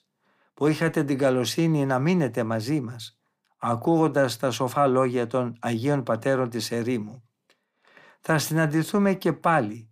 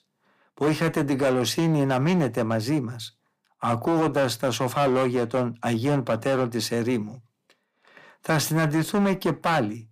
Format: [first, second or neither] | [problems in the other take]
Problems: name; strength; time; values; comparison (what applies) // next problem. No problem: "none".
first | distortion; slight; 10% of the sound clipped